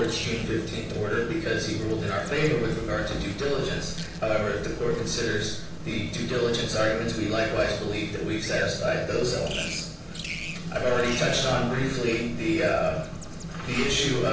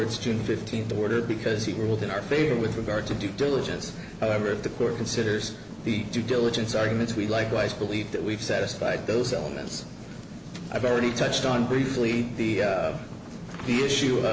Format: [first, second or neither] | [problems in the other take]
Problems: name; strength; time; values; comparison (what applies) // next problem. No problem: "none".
second | background sound (Bird vocalization, bird call, bird song); 18 dB below the speech // room echo; dies away in 0.5 s